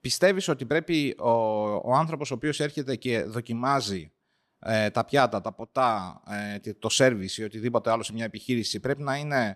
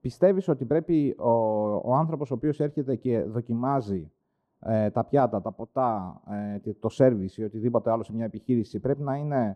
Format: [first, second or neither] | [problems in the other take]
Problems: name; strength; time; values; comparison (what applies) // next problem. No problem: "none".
first | muffled; very; fading above 1 kHz